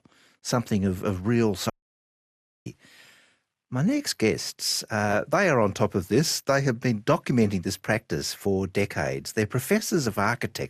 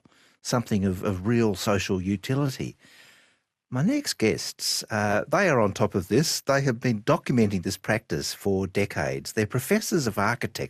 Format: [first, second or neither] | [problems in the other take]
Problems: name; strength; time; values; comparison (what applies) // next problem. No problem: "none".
second | audio cutting out; at 1.5 s for 1 s